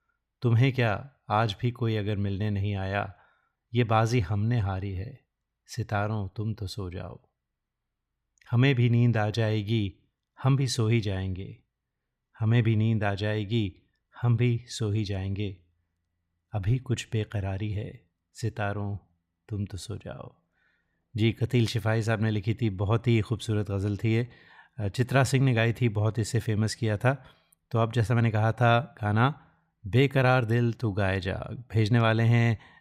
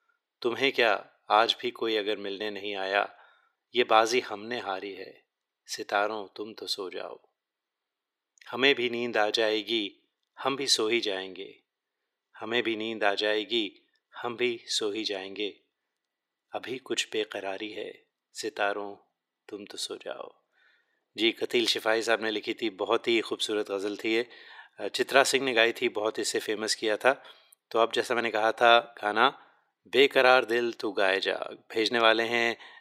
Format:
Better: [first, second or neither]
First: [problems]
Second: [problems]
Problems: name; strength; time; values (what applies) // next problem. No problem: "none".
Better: first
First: none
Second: thin; very; fading below 350 Hz